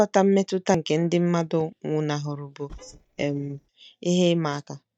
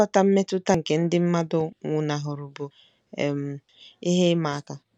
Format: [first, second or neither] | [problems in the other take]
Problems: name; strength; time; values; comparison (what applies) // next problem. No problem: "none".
second | noise reduction (neural mask model DeepFilterNet 3)